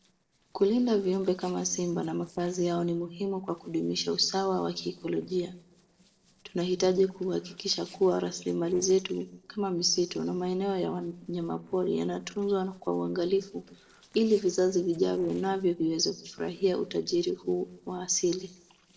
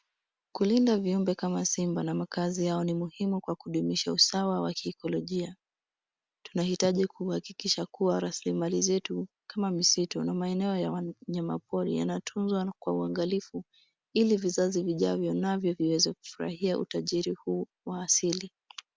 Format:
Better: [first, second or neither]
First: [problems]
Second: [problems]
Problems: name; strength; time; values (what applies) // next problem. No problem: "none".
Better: second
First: noise reduction (neural separator model SepFormer DNS4)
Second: none